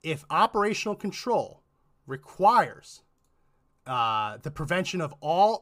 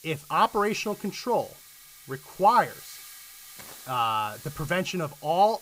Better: first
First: none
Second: hiss; noticeable; throughout; 20 dB below the speech

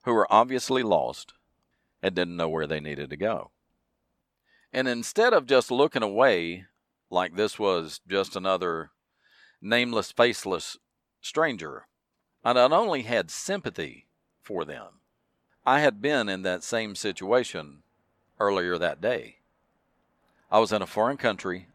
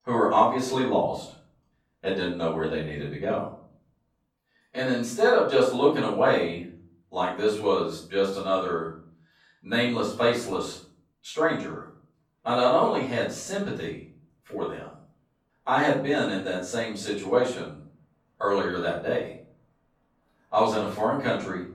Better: first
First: none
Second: room echo; noticeable; dies away in 0.5 s // off-mic speech; far

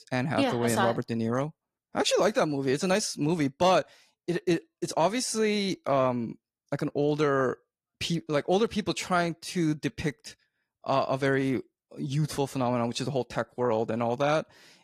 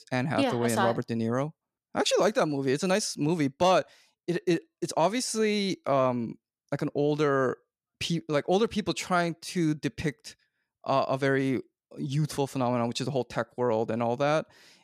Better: second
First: garbled, watery; slightly; nothing above 14.5 kHz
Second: none

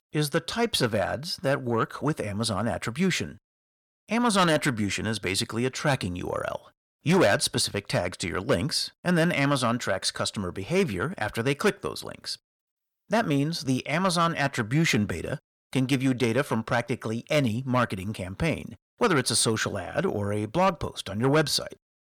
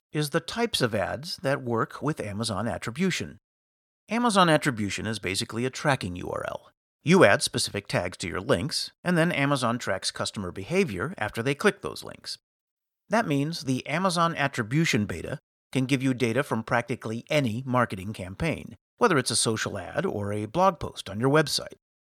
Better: second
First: distortion; slight; 10 dB below the speech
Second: none

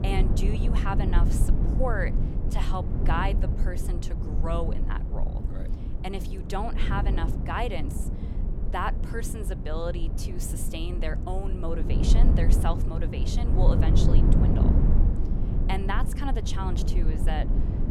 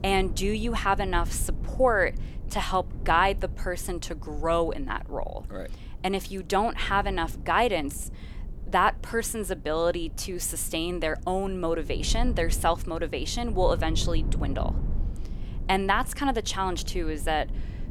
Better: second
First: low rumble; loud; throughout; 5 dB below the speech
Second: low rumble; faint; throughout; 20 dB below the speech

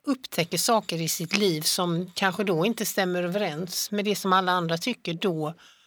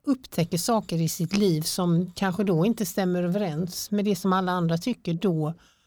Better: second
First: thin; very slightly; fading below 950 Hz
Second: none

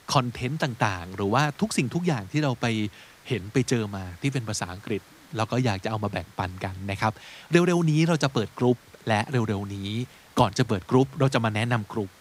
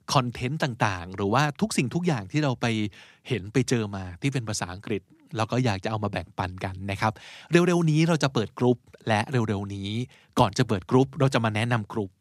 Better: second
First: hiss; faint; throughout; 25 dB below the speech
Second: none

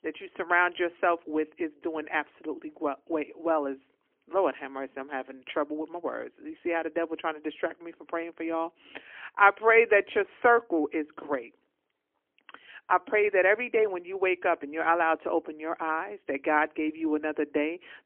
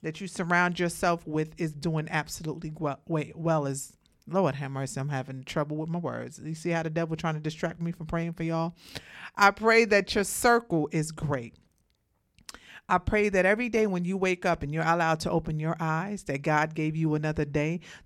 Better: second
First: phone-call audio; poor line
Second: none

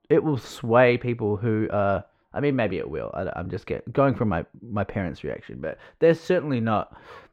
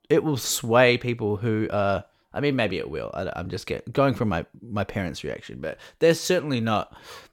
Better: second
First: muffled; very; fading above 3.5 kHz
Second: none

